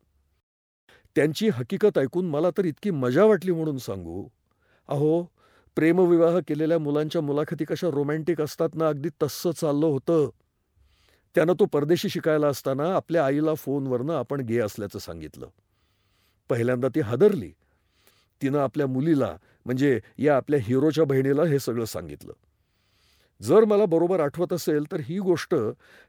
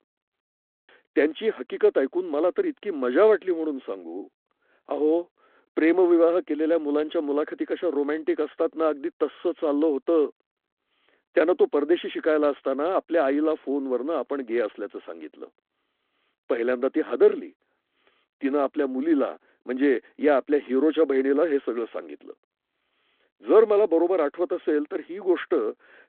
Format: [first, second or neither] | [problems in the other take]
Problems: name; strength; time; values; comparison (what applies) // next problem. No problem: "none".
first | phone-call audio